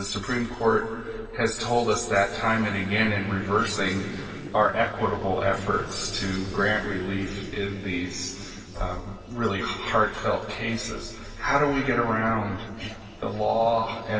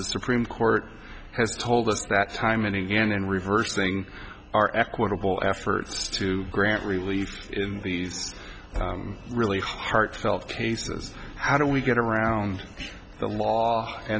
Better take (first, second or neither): second